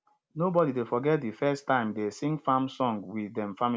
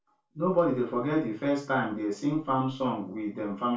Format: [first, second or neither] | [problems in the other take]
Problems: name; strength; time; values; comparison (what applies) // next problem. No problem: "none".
first | room echo; dies away in 0.3 s